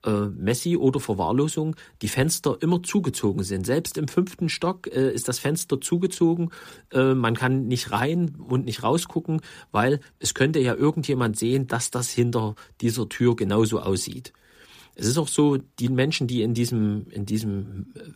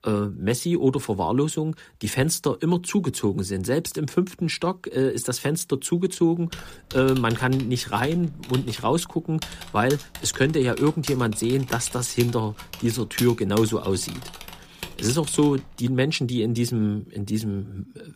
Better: first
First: none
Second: keyboard typing; noticeable; from 6.5 to 16 s; peak 7 dB below the speech

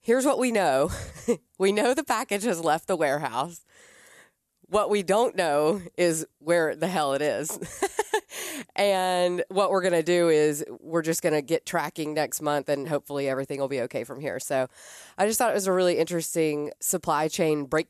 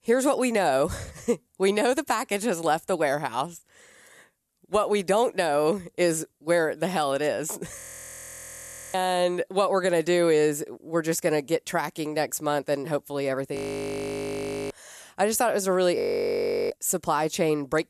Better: first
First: none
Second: audio freezing; at 8 s for 1 s, at 14 s for 1 s and at 16 s for 0.5 s

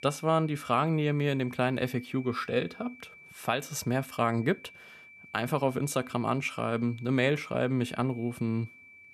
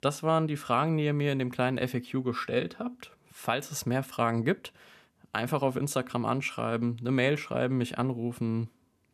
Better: second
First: high-pitched whine; noticeable; throughout; 2.5 kHz, 20 dB below the speech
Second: none

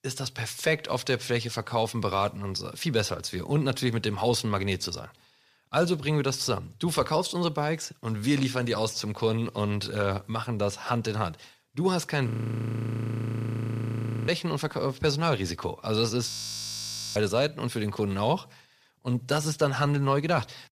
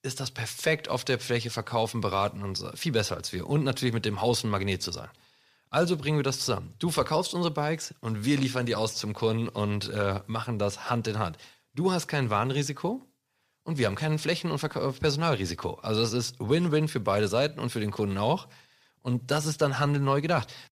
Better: second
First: audio freezing; at 12 s for 2 s and at 16 s for 1 s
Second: none

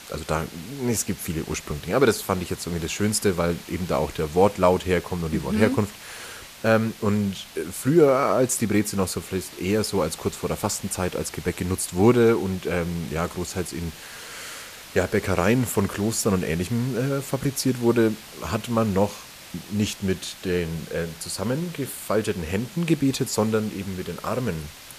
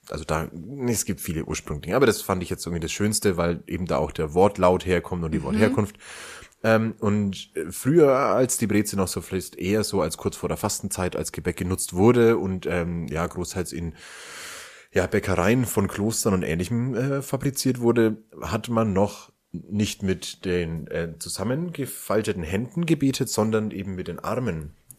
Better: second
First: hiss; noticeable; throughout; 15 dB below the speech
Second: none

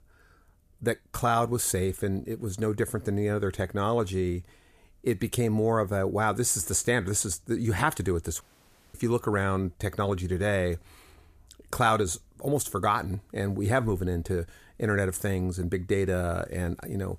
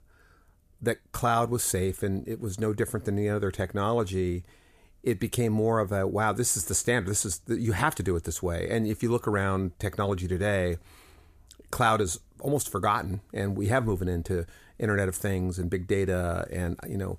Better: second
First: audio cutting out; at 8.5 s for 0.5 s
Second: none

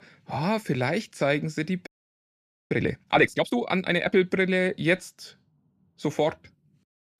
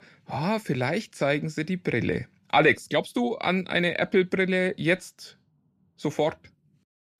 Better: second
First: audio freezing; at 2 s for 1 s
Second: none

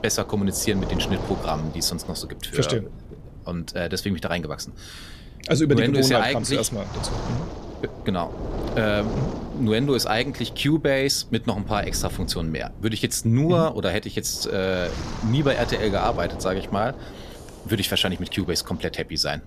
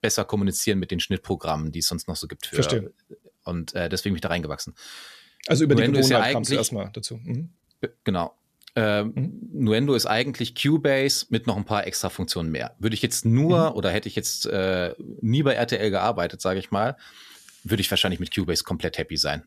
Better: second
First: wind noise on the microphone; occasional gusts; 10 dB below the speech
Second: none

